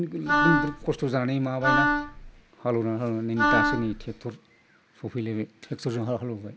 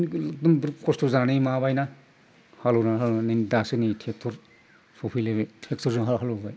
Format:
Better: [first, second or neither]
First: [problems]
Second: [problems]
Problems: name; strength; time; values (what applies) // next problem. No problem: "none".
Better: second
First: background sound (Wind instrument, woodwind instrument); 4 dB above the speech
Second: none